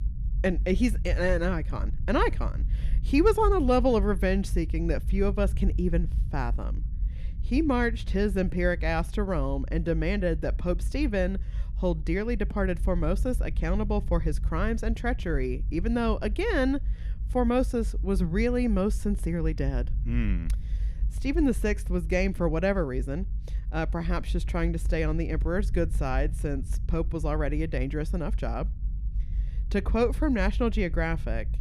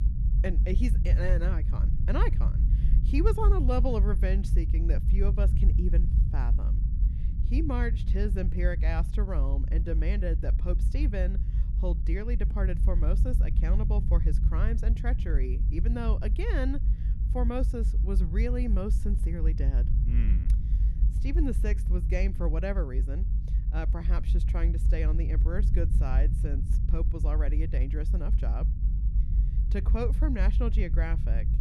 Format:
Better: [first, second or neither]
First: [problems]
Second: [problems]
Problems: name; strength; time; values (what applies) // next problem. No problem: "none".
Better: first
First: low rumble; faint; throughout; 20 dB below the speech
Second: low rumble; loud; throughout; 9 dB below the speech